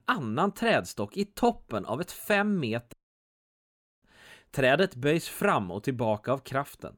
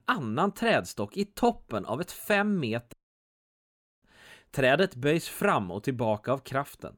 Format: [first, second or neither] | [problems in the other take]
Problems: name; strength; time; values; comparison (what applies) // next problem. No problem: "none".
neither | audio cutting out; at 3 s for 1 s; the same in both